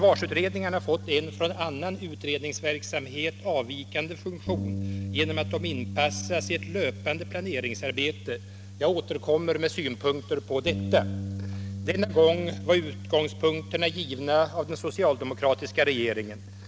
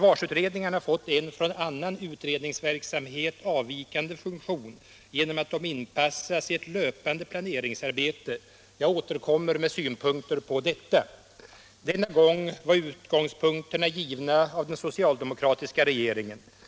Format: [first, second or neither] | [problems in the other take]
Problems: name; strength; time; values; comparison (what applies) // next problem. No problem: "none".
second | background sound (Bass guitar); 9 dB below the speech